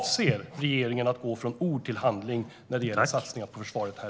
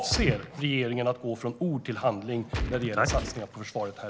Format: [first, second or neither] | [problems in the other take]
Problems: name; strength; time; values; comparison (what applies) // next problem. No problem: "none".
first | background sound (Gunshot, gunfire); 3 dB below the speech